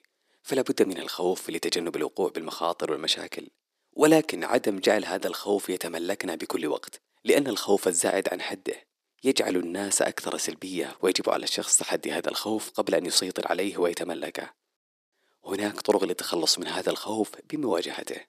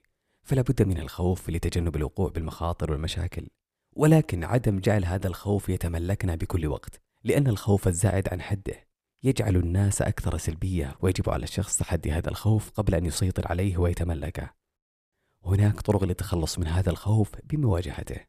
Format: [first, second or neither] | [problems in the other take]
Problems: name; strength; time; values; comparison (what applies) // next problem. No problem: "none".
second | thin; somewhat; fading below 300 Hz